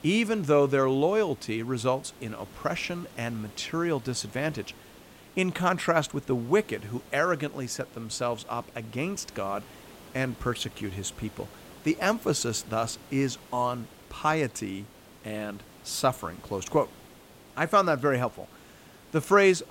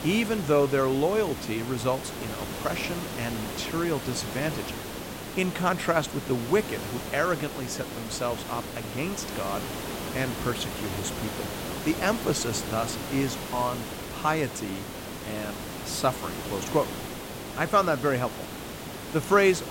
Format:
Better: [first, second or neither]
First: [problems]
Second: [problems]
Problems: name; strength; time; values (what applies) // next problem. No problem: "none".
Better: first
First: hiss; faint; throughout; 20 dB below the speech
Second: hiss; loud; throughout; 6 dB below the speech